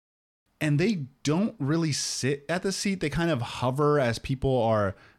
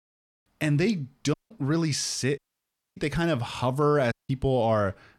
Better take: first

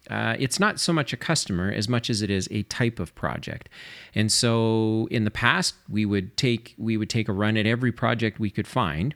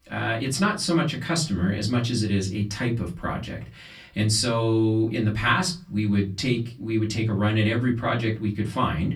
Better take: first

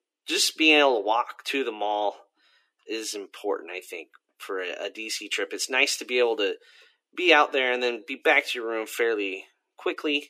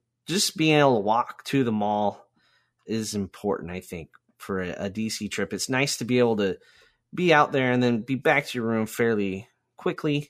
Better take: second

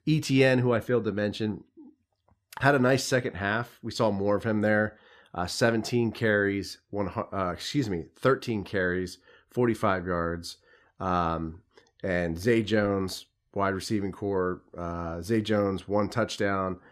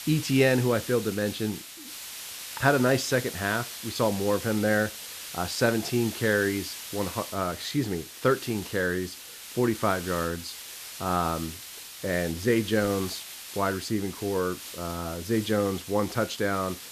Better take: first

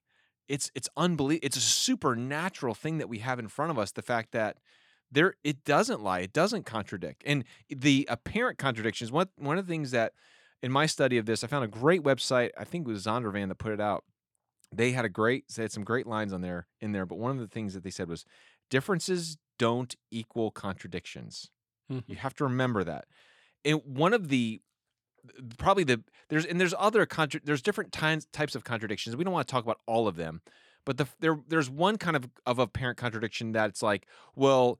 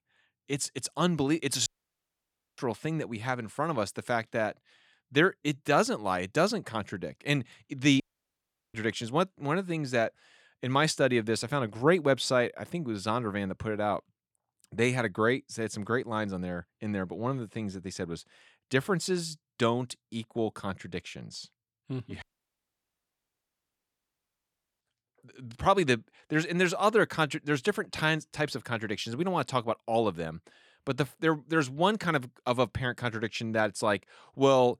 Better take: first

